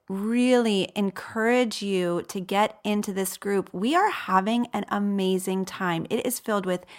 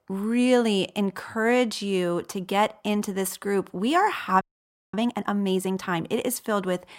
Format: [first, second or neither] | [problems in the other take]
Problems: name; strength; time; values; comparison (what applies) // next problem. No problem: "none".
first | audio freezing; at 4.5 s for 0.5 s